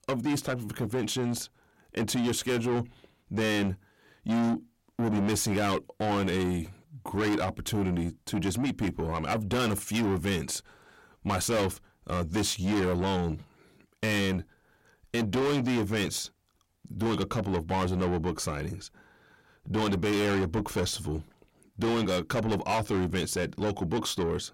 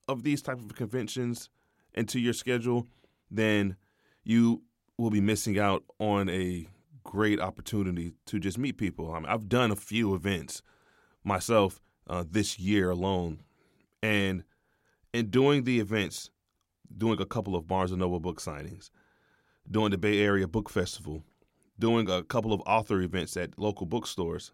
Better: second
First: distortion; heavy; 6 dB below the speech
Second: none

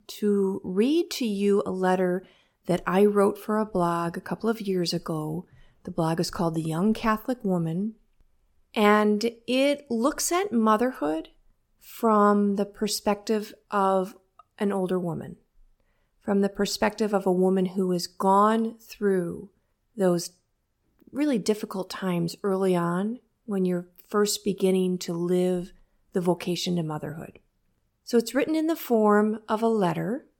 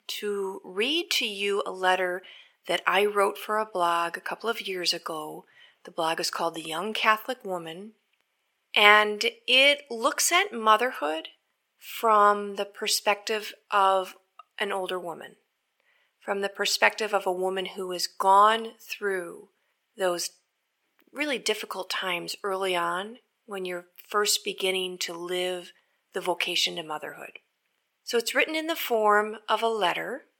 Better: first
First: none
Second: thin; very; fading below 600 Hz

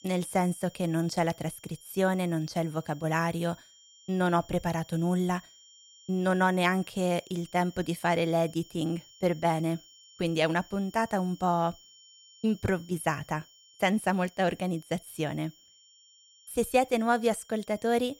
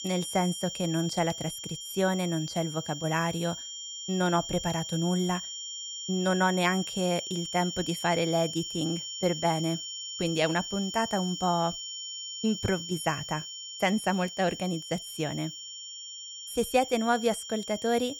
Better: first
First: high-pitched whine; faint; throughout; 3 kHz, 25 dB below the speech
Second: high-pitched whine; loud; throughout; 3 kHz, 7 dB below the speech

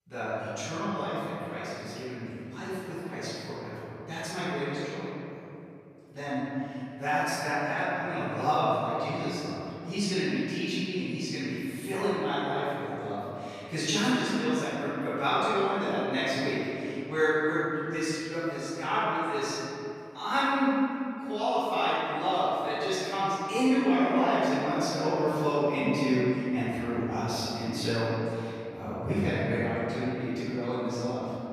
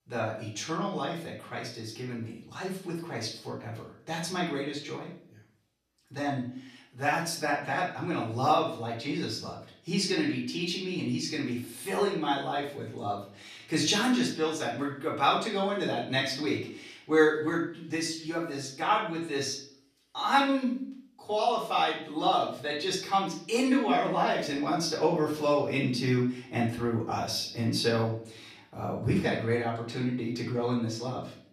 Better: second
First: room echo; strong; dies away in 2.7 s // off-mic speech; far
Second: room echo; slight; dies away in 0.5 s // off-mic speech; far

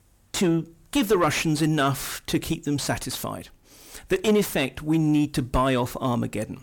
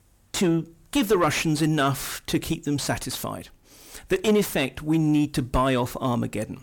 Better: neither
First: distortion; slight; 10 dB below the speech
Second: distortion; slight; 10 dB below the speech

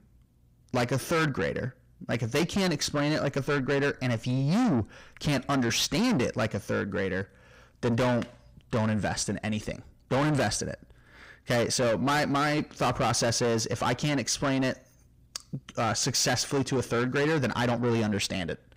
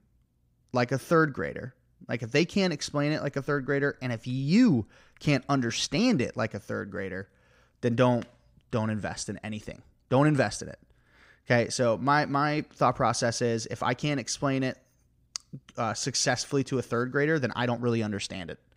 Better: second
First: distortion; heavy; 6 dB below the speech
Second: none

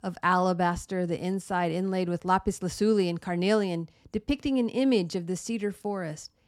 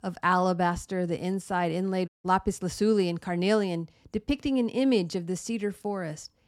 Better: first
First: none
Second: audio cutting out; at 2 s

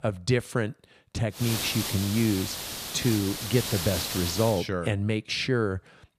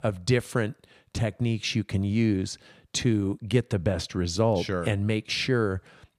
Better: second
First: hiss; loud; from 1.5 to 4.5 s; 4 dB below the speech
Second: none

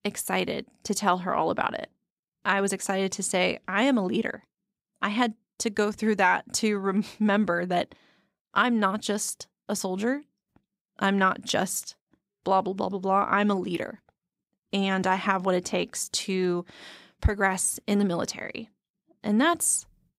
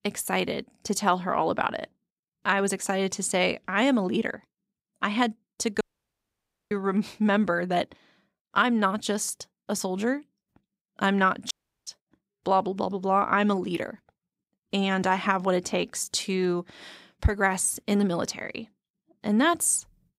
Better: first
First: none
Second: audio cutting out; at 6 s for 1 s and at 12 s

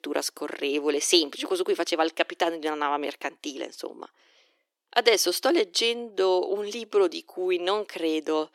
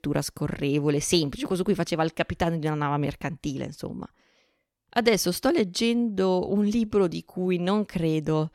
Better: second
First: thin; very; fading below 350 Hz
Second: none

